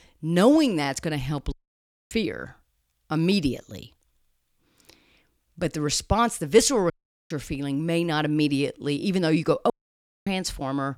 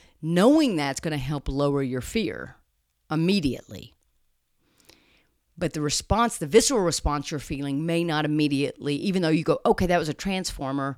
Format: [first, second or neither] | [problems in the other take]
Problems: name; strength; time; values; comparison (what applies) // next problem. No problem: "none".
second | audio cutting out; at 1.5 s for 0.5 s, at 7 s and at 9.5 s for 0.5 s